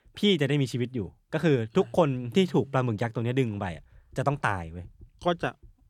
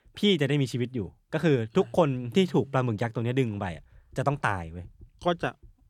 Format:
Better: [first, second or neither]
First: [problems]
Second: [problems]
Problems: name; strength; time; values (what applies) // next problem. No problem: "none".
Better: neither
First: none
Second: none